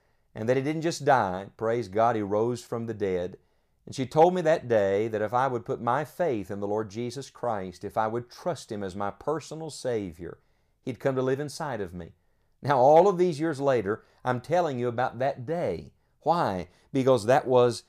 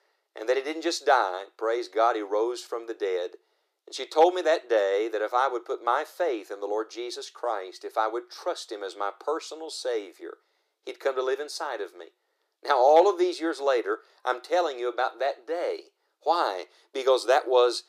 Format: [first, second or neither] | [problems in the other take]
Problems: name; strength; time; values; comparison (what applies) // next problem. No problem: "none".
first | thin; very; fading below 350 Hz